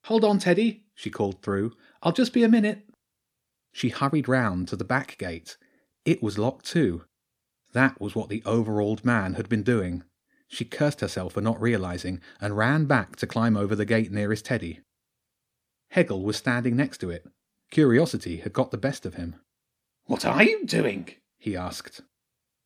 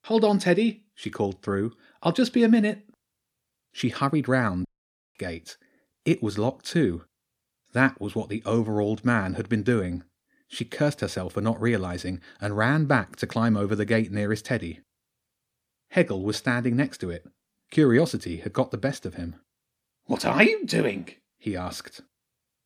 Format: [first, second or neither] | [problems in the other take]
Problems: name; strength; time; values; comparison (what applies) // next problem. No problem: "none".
first | audio cutting out; at 4.5 s for 0.5 s